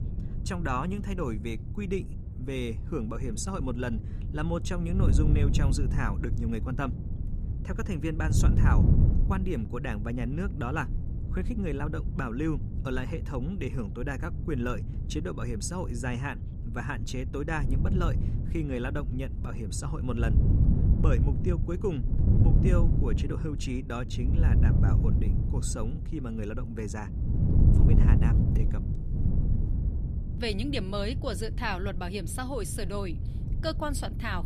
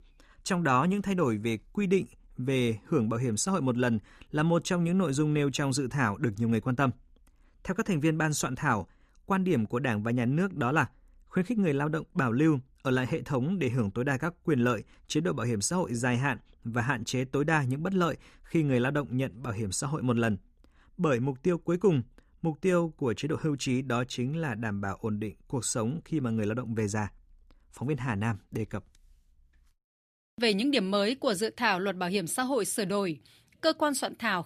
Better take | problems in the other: second | wind noise on the microphone; heavy; 6 dB below the speech

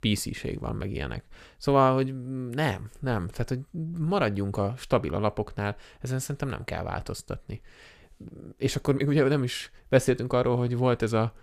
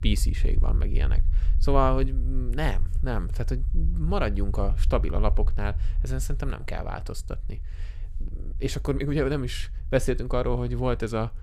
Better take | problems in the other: first | low rumble; faint; throughout; 20 dB below the speech

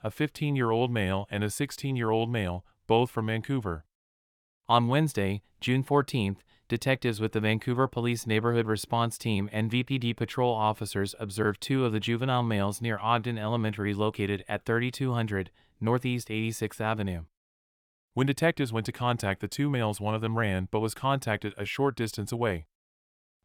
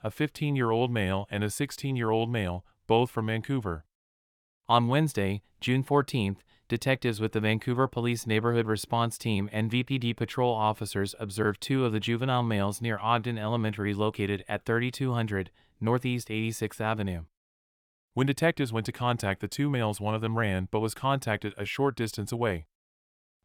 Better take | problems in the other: neither | none

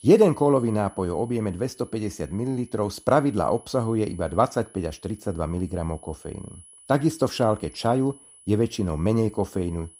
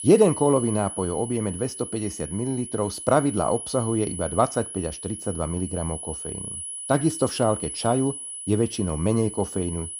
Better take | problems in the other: first | high-pitched whine; loud; throughout; 10 kHz, 8 dB below the speech; faint in the first

